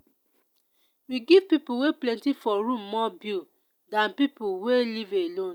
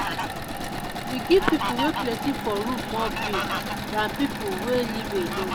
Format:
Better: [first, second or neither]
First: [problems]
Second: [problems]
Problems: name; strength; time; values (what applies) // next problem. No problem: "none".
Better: first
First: none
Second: background sound (Fowl + Engine / Mechanisms); 1 dB below the speech